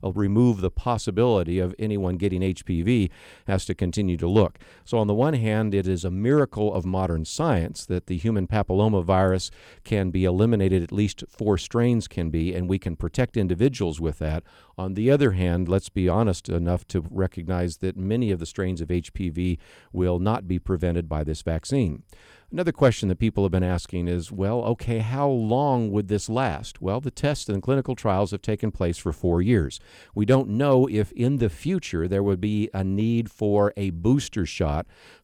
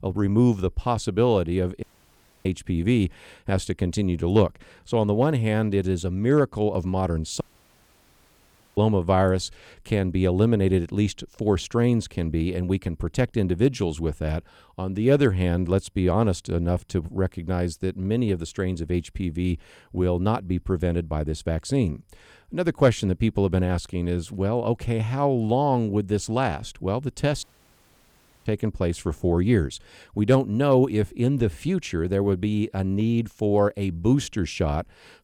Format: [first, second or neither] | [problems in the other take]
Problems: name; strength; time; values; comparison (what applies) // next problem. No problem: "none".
first | audio cutting out; at 2 s for 0.5 s, at 7.5 s for 1.5 s and at 27 s for 1 s